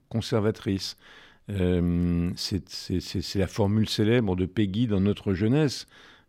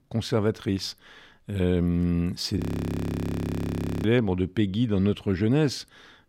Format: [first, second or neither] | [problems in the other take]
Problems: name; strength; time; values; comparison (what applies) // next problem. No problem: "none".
first | audio freezing; at 2.5 s for 1.5 s